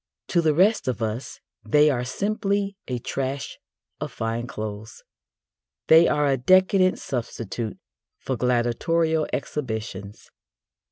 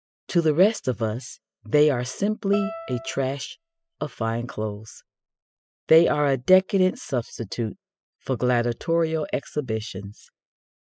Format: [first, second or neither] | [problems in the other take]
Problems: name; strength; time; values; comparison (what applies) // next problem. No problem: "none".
first | noise reduction (classical method spectral subtraction)